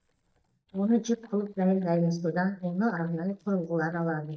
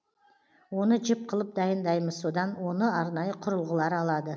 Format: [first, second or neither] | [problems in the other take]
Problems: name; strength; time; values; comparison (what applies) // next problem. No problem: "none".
second | noise reduction (neural mask model DeepFilterNet 3)